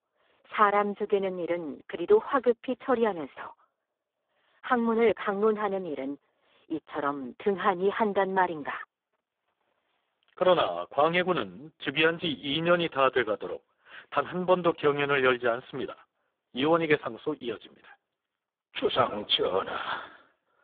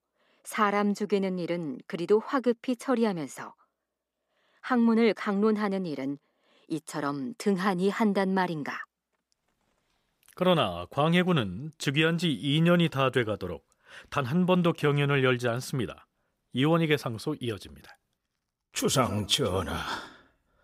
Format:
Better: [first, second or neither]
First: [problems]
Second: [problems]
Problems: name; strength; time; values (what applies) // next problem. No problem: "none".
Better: second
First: phone-call audio; poor line; nothing above 3.5 kHz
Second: none